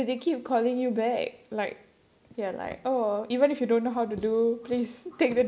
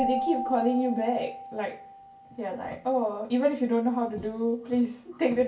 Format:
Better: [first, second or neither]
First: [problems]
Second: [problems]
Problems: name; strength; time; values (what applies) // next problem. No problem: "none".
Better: first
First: none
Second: background sound (Keyboard (musical)); 10 dB below the speech // room echo; dies away in 0.2 s